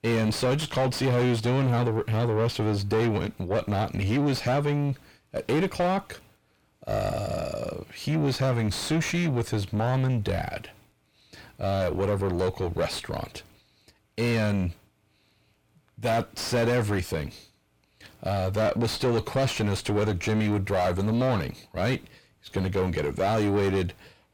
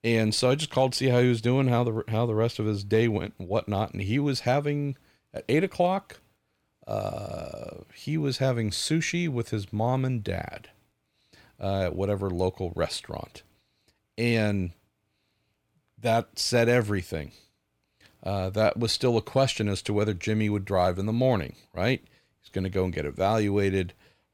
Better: second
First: distortion; heavy; 5 dB below the speech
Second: none

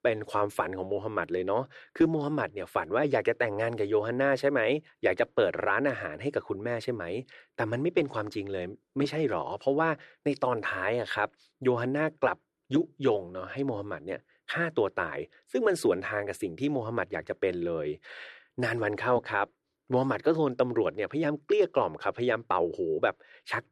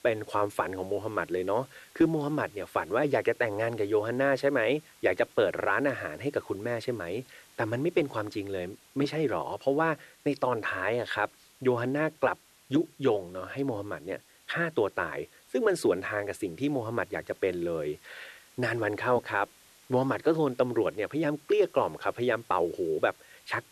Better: first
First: none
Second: hiss; faint; throughout; 25 dB below the speech

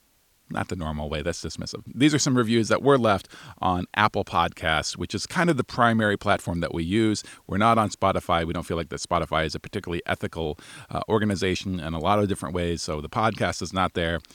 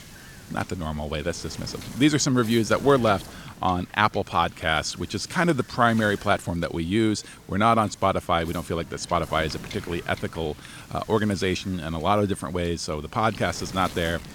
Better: first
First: none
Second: wind noise on the microphone; occasional gusts; 20 dB below the speech

